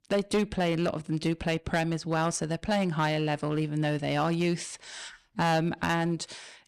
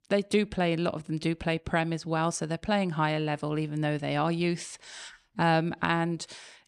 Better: second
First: distortion; slight; 6% of the sound clipped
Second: none

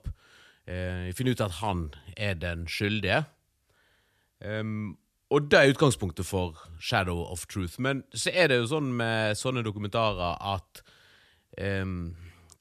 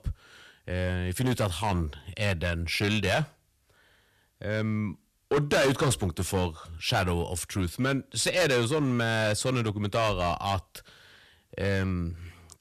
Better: first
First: none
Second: distortion; heavy; 7% of the sound clipped

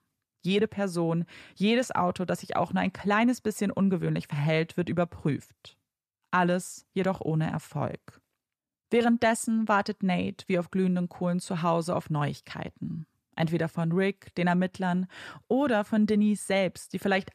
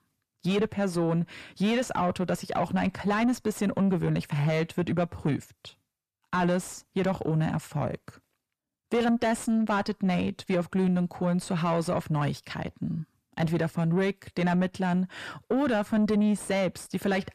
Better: first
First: none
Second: distortion; slight; 10 dB below the speech

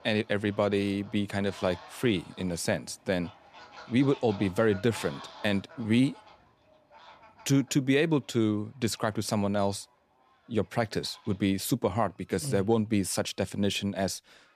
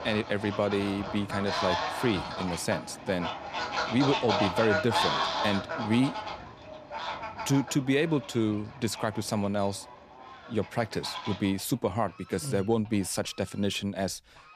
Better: first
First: animal sounds; faint; throughout; 20 dB below the speech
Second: animal sounds; loud; throughout; 3 dB below the speech

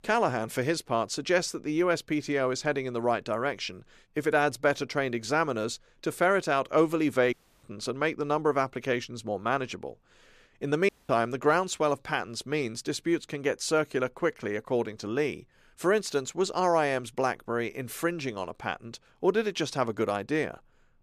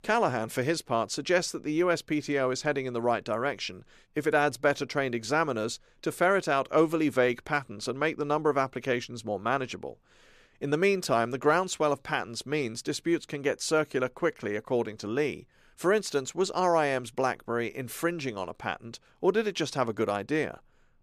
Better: second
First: audio cutting out; at 7.5 s and at 11 s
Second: none

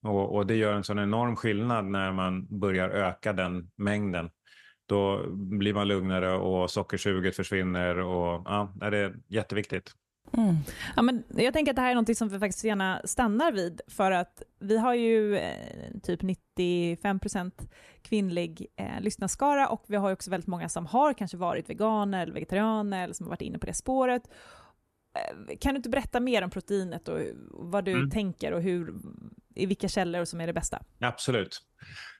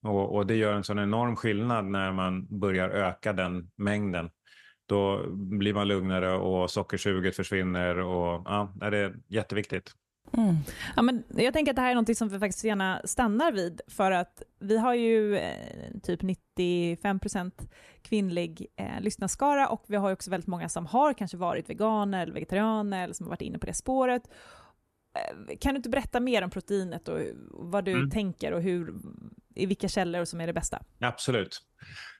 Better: neither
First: none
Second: none

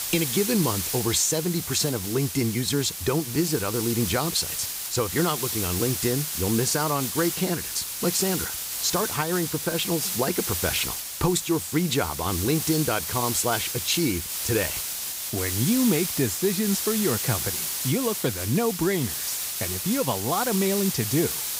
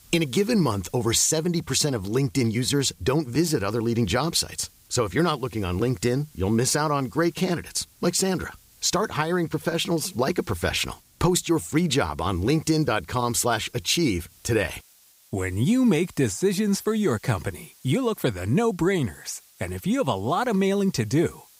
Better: second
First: hiss; loud; throughout; 2 dB below the speech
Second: hiss; faint; throughout; 30 dB below the speech

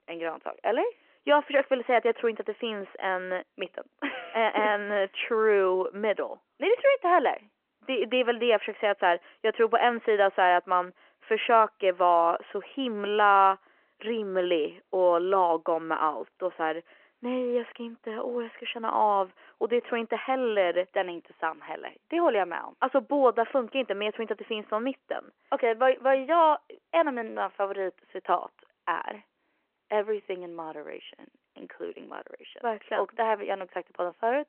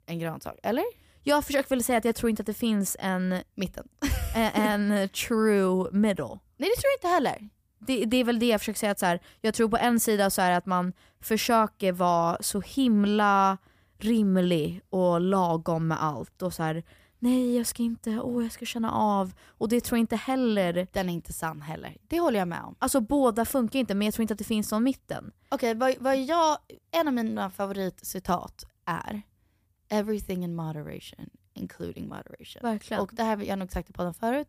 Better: second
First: phone-call audio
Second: none

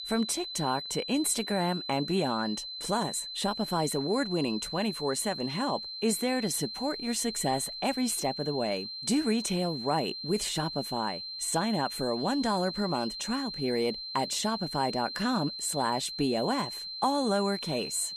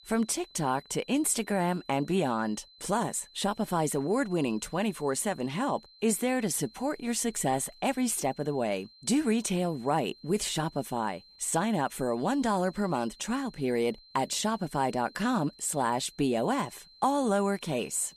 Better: second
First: high-pitched whine; loud; throughout; 4 kHz, 6 dB below the speech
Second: high-pitched whine; faint; throughout; 4 kHz, 25 dB below the speech

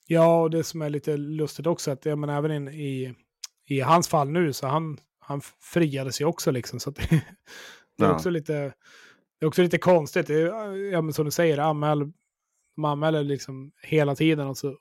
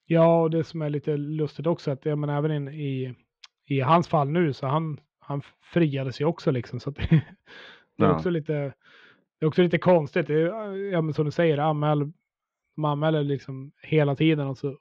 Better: first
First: none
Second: muffled; slightly; fading above 3.5 kHz

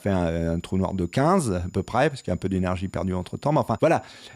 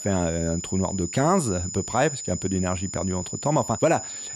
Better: first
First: high-pitched whine; faint; throughout; 7 kHz, 35 dB below the speech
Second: high-pitched whine; loud; throughout; 7 kHz, 7 dB below the speech

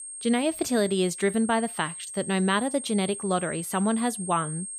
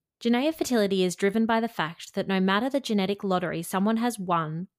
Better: second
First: high-pitched whine; loud; throughout; 8.5 kHz, 9 dB below the speech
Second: none

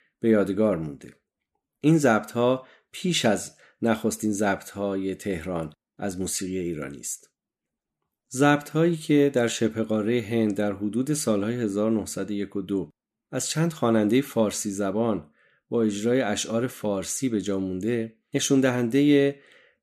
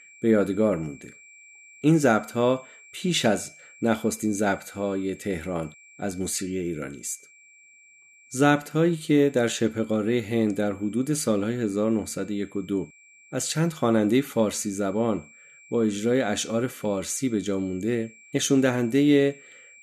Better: first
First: none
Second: high-pitched whine; faint; throughout; 2.5 kHz, 25 dB below the speech

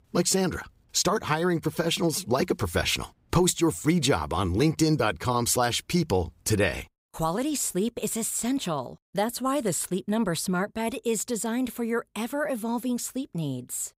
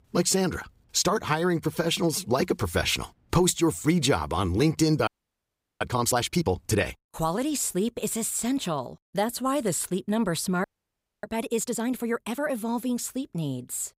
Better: first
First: none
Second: audio freezing; at 5 s for 0.5 s and at 11 s for 0.5 s

